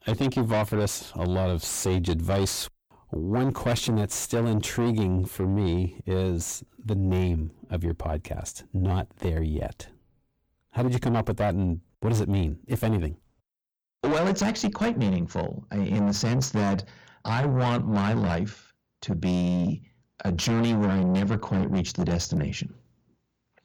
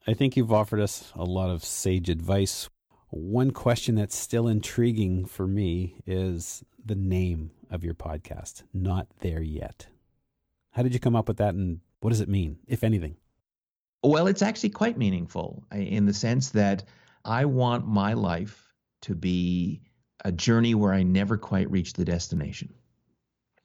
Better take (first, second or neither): second